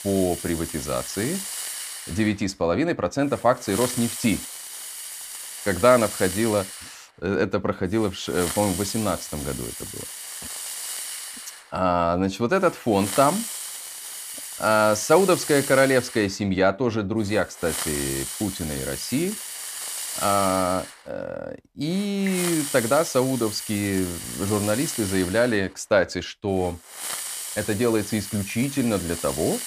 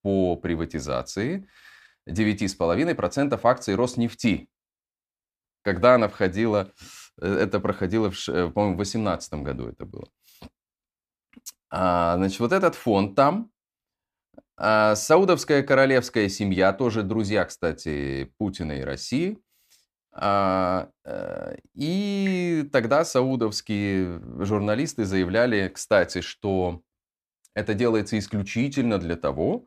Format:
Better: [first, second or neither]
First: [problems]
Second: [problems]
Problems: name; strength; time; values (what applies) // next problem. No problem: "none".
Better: second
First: hiss; loud; throughout; 7 dB below the speech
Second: none